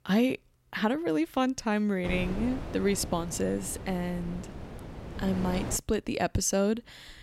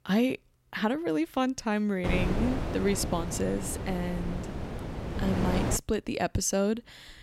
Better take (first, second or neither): first